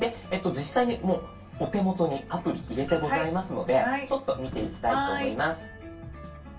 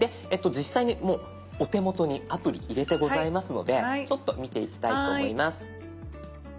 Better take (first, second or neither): second